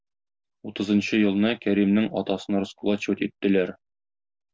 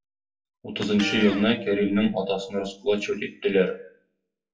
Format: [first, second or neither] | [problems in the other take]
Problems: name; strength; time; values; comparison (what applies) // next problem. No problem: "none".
first | noise reduction (classical method WPE with log-MMSE)